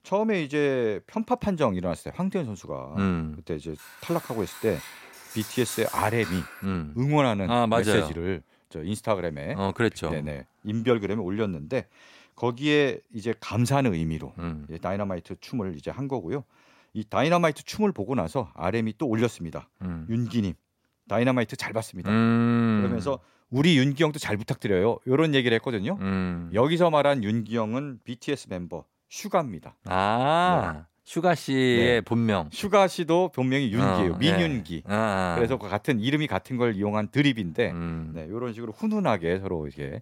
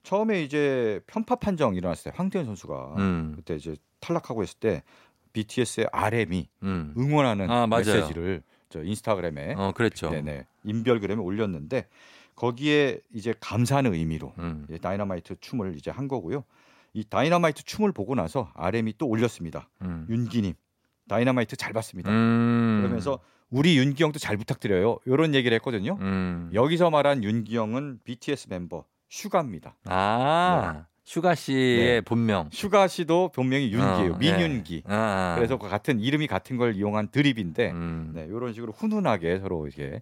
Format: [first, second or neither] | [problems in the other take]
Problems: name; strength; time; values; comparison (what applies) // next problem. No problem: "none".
second | clattering dishes; noticeable; from 4 to 6.5 s; peak 10 dB below the speech